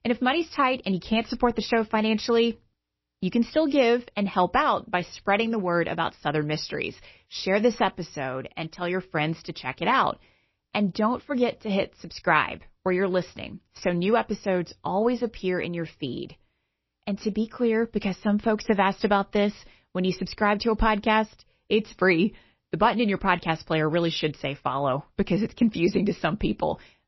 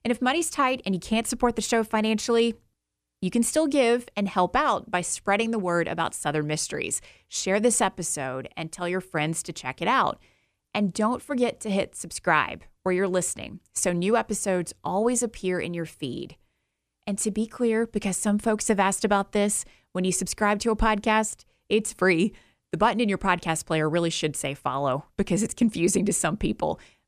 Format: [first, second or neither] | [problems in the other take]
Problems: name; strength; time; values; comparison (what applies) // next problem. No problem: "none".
second | garbled, watery; slightly; nothing above 5.5 kHz